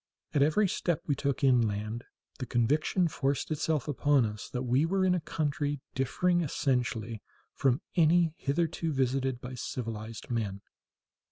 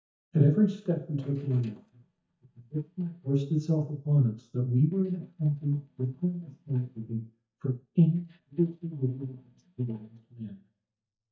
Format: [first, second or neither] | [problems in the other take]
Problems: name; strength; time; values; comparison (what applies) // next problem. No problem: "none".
first | noise reduction (neural mask model DeepFilterNet 3)